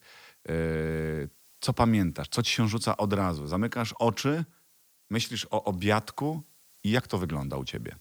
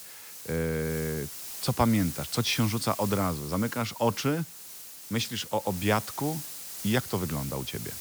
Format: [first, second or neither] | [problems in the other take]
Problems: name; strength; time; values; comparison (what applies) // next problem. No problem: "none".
first | hiss; loud; throughout; 8 dB below the speech; faint in the first